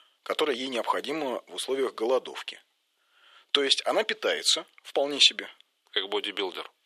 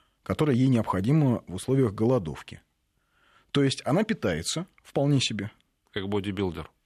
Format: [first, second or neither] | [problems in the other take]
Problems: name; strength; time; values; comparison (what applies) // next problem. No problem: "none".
second | thin; very; fading below 400 Hz